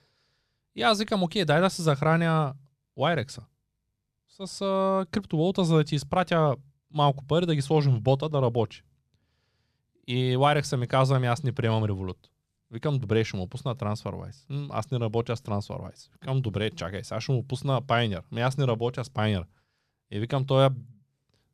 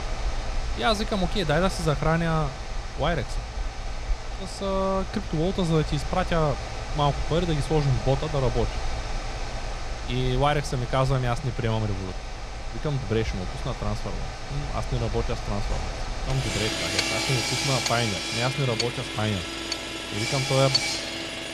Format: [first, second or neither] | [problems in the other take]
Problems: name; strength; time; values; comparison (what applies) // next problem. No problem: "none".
first | machinery noise; loud; throughout; 4 dB below the speech